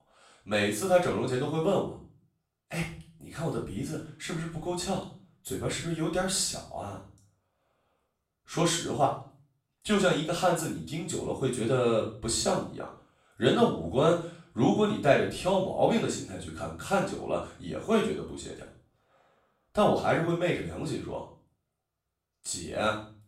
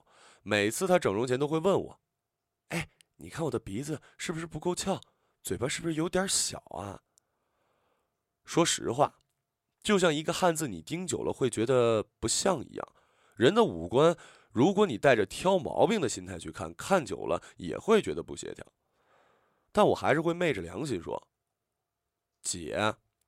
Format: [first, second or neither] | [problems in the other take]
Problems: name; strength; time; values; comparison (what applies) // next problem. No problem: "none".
second | off-mic speech; far // room echo; noticeable; dies away in 0.4 s